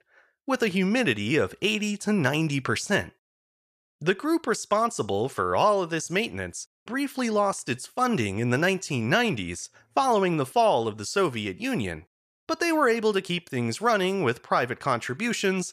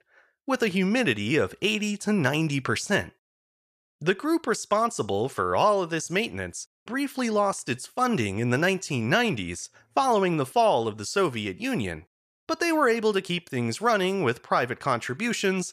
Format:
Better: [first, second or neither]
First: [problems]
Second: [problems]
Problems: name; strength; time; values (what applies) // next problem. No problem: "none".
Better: neither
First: none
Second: none